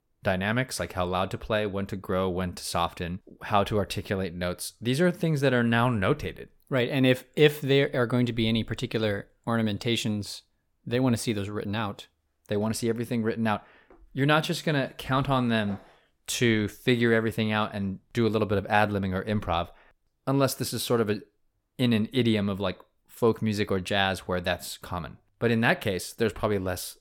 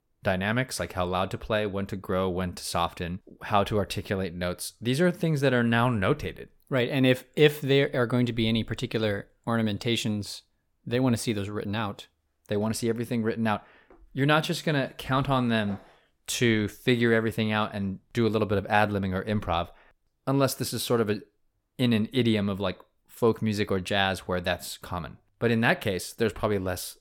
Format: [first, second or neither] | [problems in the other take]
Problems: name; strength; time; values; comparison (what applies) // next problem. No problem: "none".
neither | none